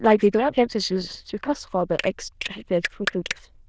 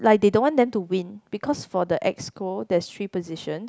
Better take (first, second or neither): second